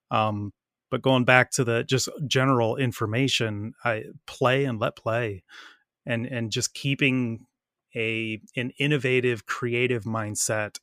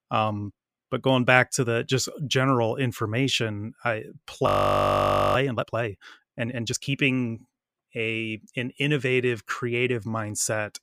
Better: first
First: none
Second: audio freezing; at 4.5 s for 1 s

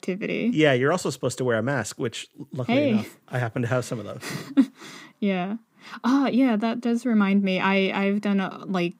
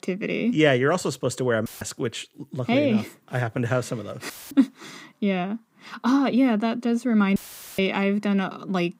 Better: first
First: none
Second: audio cutting out; filled with static; at 1.5 s, at 4.5 s and at 7.5 s

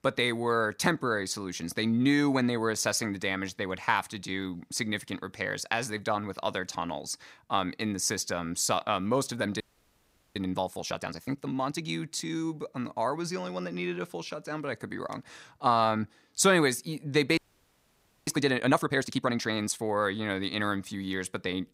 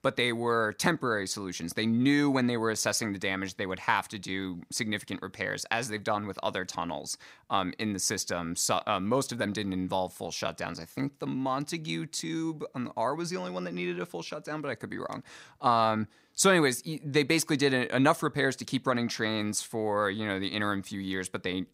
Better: second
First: audio freezing; at 9.5 s for 1 s and at 17 s for 1 s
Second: none

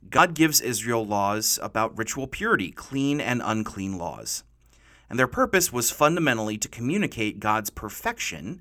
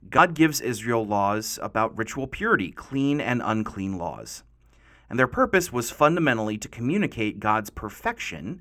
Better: first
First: none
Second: muffled; slightly; fading above 3.5 kHz

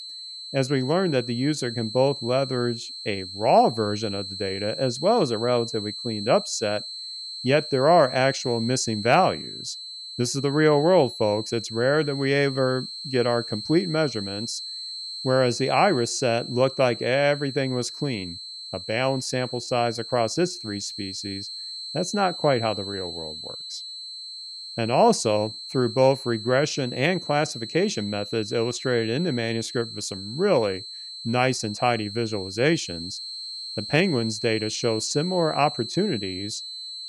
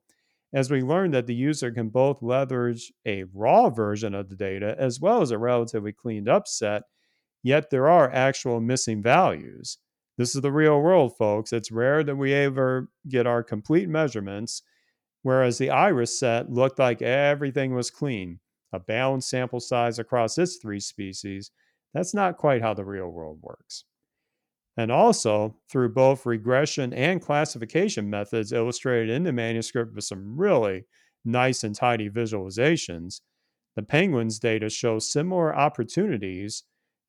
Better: second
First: high-pitched whine; loud; throughout; 4 kHz, 9 dB below the speech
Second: none

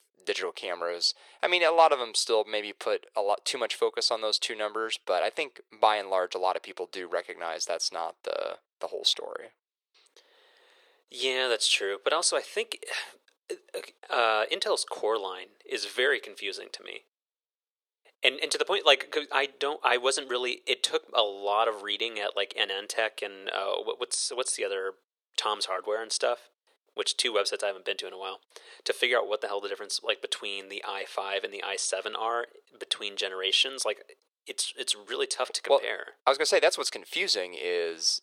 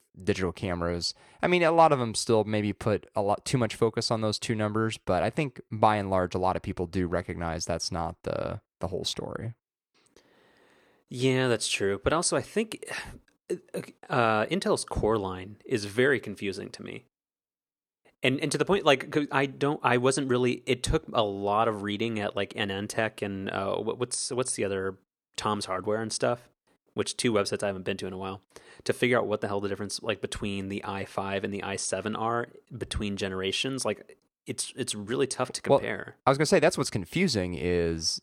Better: second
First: thin; very; fading below 450 Hz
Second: none

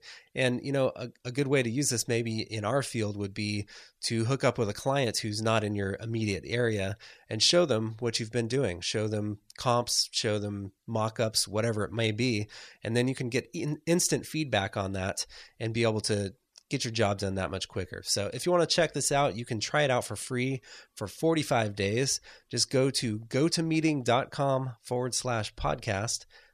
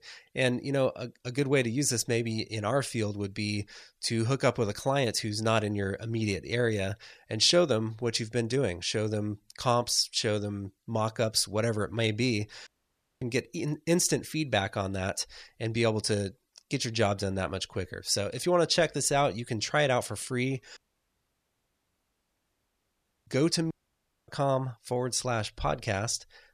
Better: first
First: none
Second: audio cutting out; at 13 s for 0.5 s, at 21 s for 2.5 s and at 24 s for 0.5 s

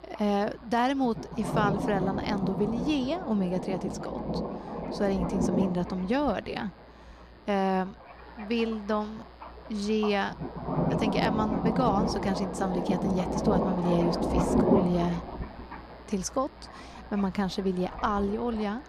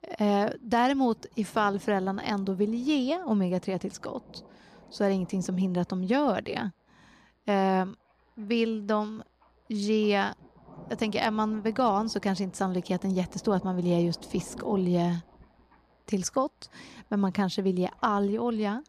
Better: second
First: rain or running water; loud; throughout; 1 dB below the speech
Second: rain or running water; faint; throughout; 20 dB below the speech

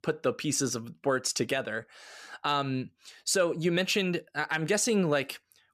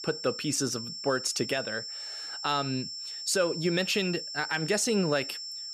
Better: first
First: none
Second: high-pitched whine; loud; throughout; 5.5 kHz, 6 dB below the speech

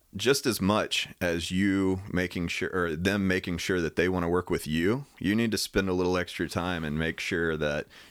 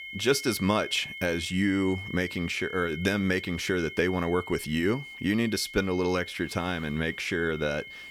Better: first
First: none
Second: high-pitched whine; noticeable; throughout; 2 kHz, 10 dB below the speech

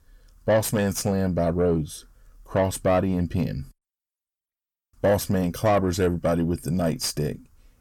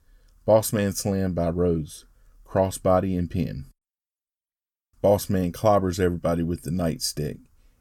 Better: second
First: distortion; slight; 10 dB below the speech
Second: none

